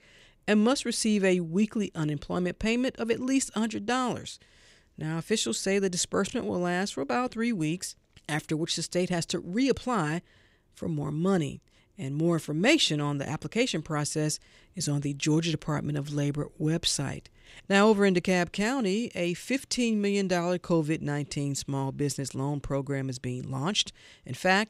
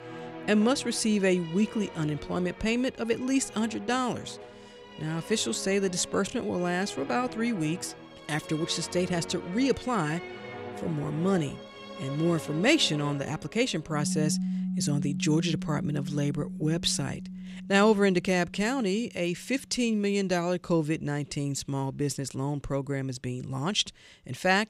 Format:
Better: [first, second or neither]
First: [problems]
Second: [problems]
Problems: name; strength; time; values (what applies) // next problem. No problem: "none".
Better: first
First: none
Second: background music; noticeable; throughout; 10 dB below the speech